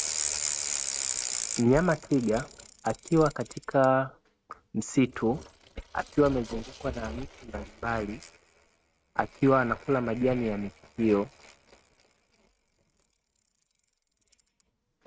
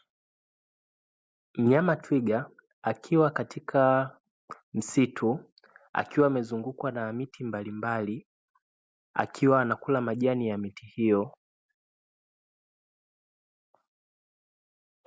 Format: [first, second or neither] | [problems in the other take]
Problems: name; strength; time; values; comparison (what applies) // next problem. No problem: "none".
second | noise reduction (neural mask model RNNoise)